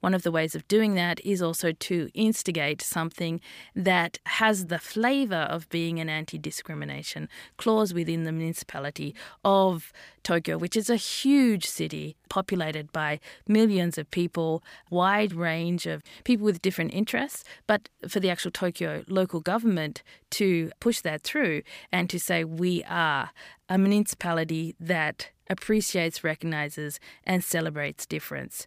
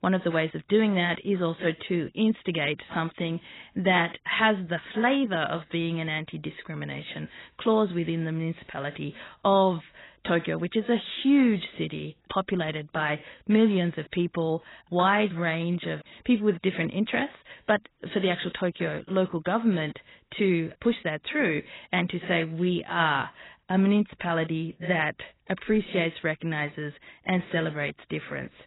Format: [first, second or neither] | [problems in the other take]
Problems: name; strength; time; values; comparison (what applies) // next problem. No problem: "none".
first | garbled, watery; badly; nothing above 4 kHz